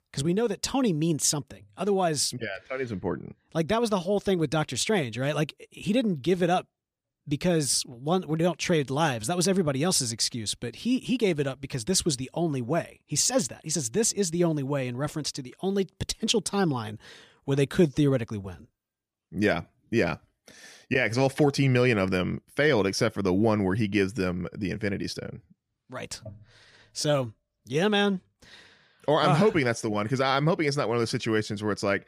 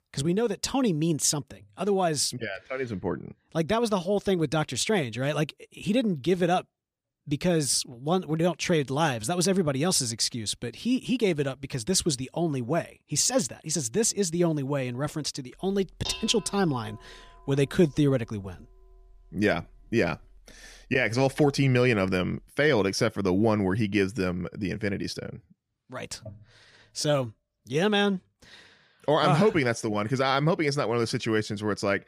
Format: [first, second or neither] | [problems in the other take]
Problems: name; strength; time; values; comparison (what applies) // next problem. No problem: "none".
first | clattering dishes; noticeable; from 16 to 22 s; peak 9 dB below the speech